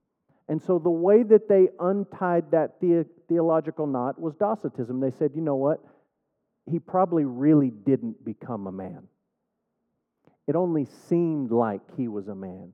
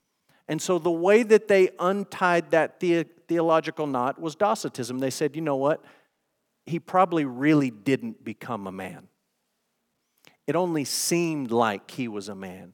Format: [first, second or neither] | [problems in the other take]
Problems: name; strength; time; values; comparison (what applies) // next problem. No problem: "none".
second | muffled; very; fading above 1.5 kHz